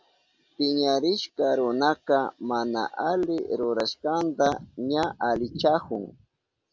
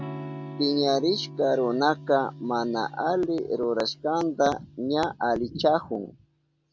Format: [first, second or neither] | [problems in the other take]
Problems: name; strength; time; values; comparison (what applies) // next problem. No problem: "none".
first | background sound (Electric guitar / Strum); 16 dB below the speech